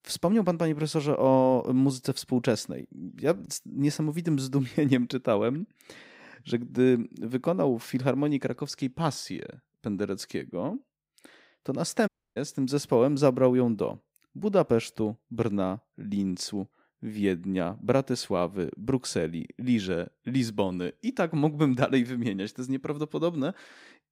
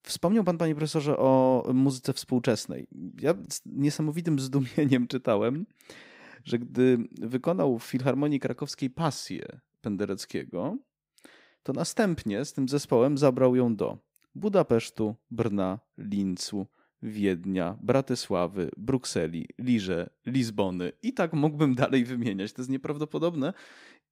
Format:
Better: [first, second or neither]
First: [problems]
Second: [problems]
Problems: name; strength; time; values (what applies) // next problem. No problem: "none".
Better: second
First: audio cutting out; at 12 s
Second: none